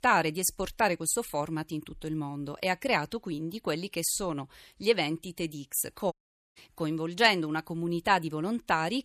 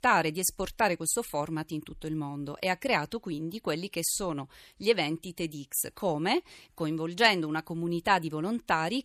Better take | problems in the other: second | audio cutting out; at 6 s

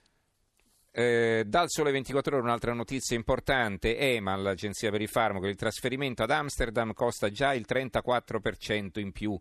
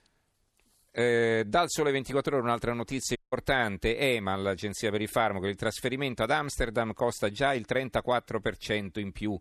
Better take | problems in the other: first | audio cutting out; at 3 s

